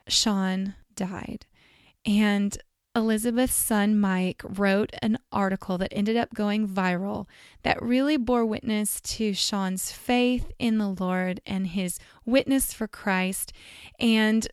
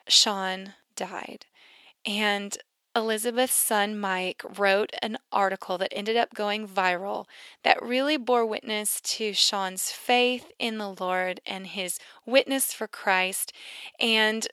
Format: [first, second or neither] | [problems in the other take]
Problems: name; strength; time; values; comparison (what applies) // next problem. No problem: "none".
first | thin; somewhat; fading below 500 Hz